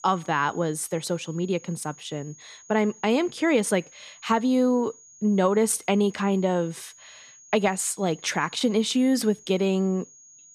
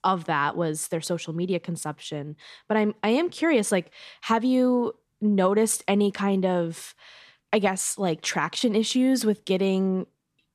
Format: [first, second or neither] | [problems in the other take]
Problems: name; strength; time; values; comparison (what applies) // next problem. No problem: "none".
second | high-pitched whine; faint; throughout; 6.5 kHz, 25 dB below the speech